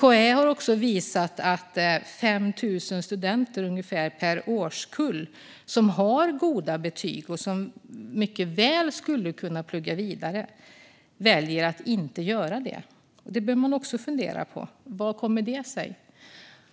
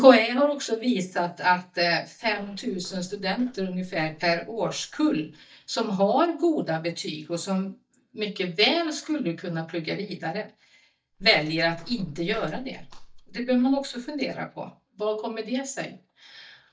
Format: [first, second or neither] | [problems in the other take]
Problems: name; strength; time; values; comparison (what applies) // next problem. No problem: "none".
first | noise reduction (neural mask model DeepFilterNet 3)